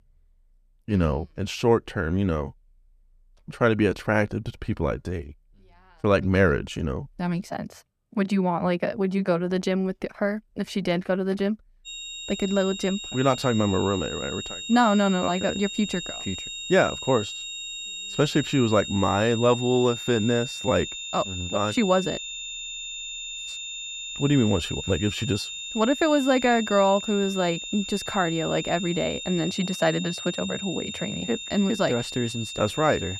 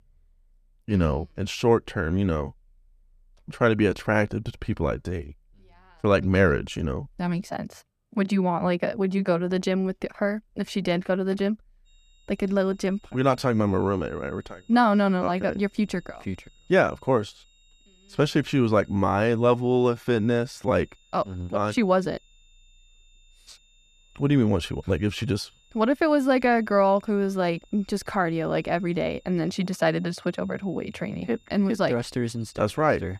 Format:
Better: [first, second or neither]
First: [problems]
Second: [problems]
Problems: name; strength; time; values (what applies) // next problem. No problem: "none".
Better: second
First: high-pitched whine; loud; from 12 s on; 3.5 kHz, 8 dB below the speech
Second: high-pitched whine; faint; from 12 s on; 3.5 kHz, 35 dB below the speech